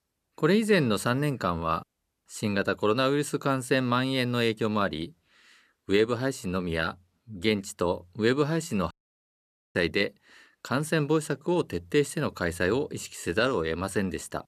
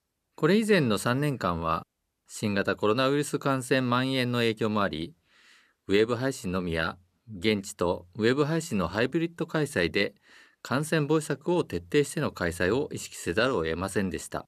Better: second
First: audio cutting out; at 9 s for 1 s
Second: none

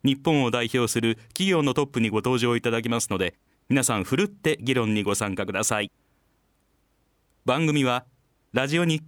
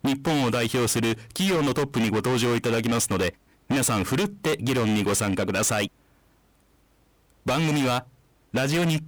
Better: first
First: none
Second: distortion; heavy; 26% of the sound clipped

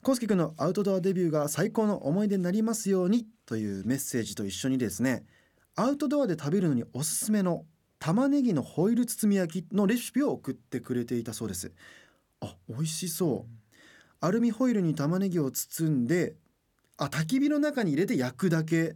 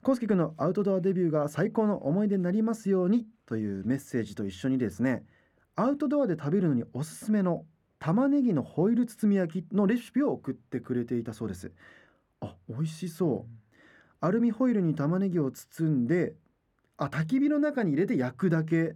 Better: first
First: none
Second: muffled; slightly; fading above 3 kHz

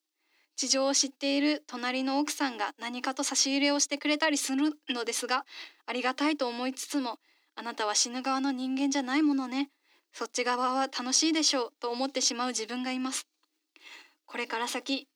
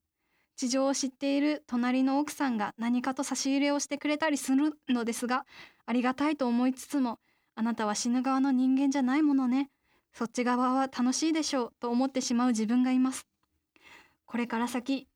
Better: second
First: thin; very slightly; fading below 300 Hz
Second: none

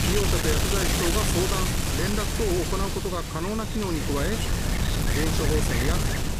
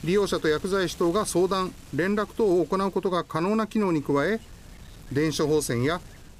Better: second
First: wind noise on the microphone; heavy; 2 dB above the speech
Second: wind noise on the microphone; occasional gusts; 25 dB below the speech

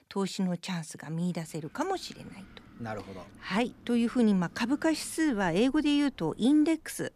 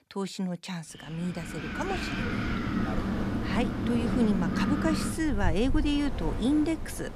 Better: first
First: wind in the background; faint; from 1.5 s on; 25 dB below the speech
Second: wind in the background; loud; from 1.5 s on; 1 dB below the speech

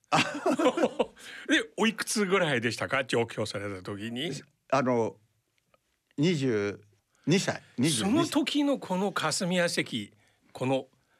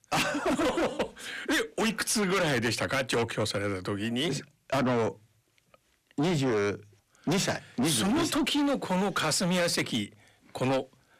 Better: first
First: none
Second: distortion; heavy; 6 dB below the speech

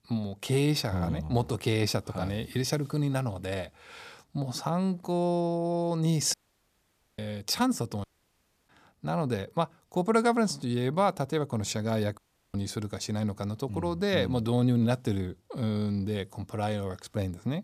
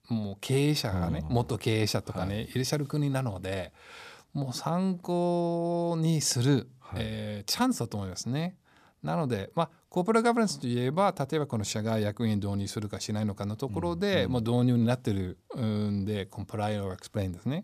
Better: second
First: audio cutting out; at 6.5 s for 1 s, at 8 s for 0.5 s and at 12 s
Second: none

